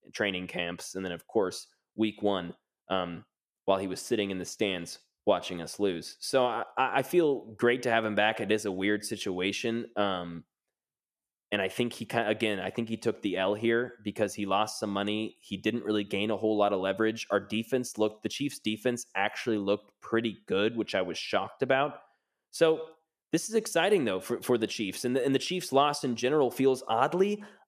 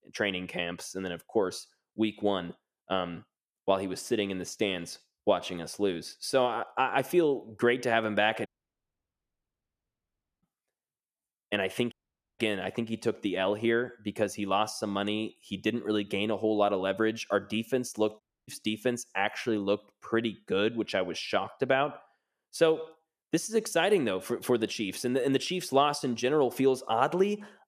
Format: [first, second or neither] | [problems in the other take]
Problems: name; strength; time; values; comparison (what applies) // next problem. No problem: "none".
first | audio cutting out; at 8.5 s for 2 s, at 12 s and at 18 s